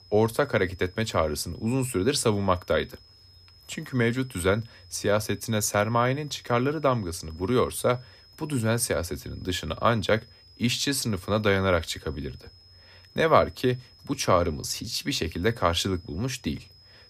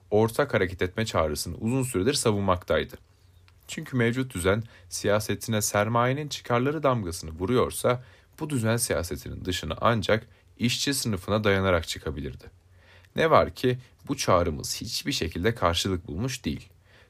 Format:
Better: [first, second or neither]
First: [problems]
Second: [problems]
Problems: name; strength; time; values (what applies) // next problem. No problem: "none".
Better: second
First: high-pitched whine; faint; throughout; 5 kHz, 25 dB below the speech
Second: none